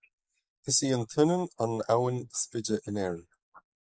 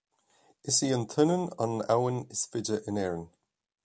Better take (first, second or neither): second